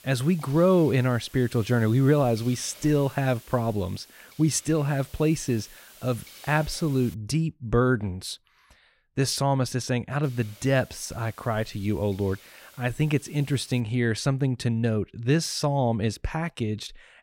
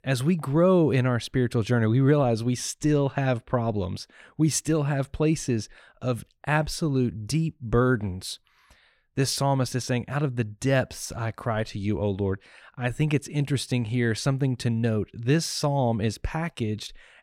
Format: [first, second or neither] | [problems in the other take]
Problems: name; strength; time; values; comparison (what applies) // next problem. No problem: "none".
second | hiss; faint; until 7 s and from 10 to 14 s; 20 dB below the speech